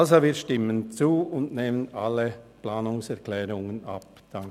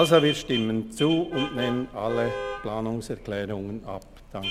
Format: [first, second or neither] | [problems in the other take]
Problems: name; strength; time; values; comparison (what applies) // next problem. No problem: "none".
first | background sound (Vehicle horn, car horn, honking); 9 dB below the speech